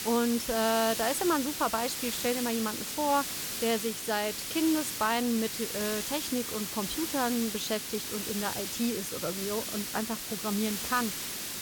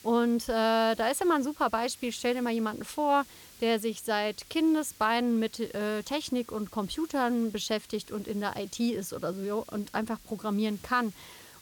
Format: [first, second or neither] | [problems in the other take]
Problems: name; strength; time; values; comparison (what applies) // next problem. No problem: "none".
second | hiss; loud; throughout; 2 dB below the speech; faint in the second